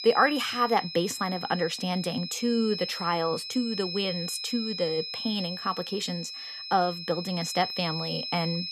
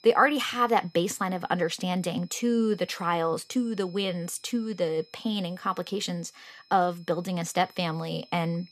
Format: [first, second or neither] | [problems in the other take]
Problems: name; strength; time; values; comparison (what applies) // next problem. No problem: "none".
second | high-pitched whine; loud; throughout; 5 kHz, 5 dB below the speech; faint in the second